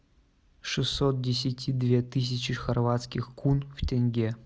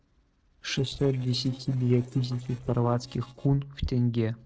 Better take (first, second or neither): first